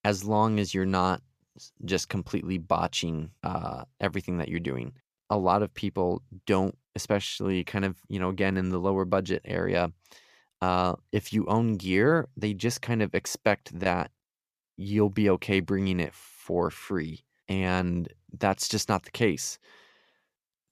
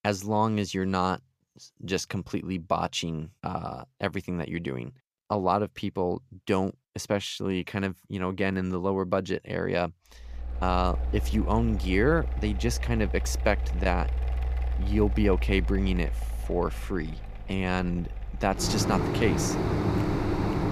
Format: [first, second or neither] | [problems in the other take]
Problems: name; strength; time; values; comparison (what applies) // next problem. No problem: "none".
first | machinery noise; loud; from 10 s on; 2 dB below the speech